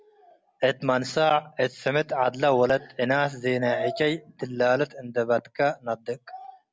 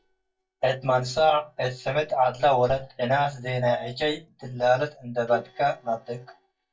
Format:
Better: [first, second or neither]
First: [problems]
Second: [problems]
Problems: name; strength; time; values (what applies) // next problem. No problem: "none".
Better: first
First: none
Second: noise reduction (neural mask model DeepFilterNet 3)